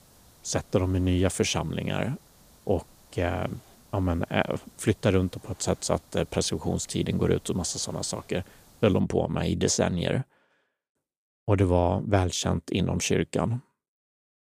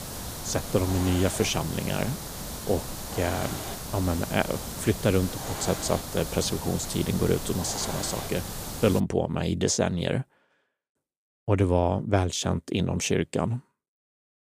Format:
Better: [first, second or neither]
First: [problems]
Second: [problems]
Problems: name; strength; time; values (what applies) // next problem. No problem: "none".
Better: first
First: hiss; faint; until 9 s; 25 dB below the speech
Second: hiss; loud; until 9 s; 7 dB below the speech